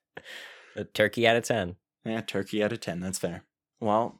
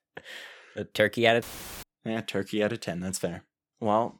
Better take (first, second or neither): first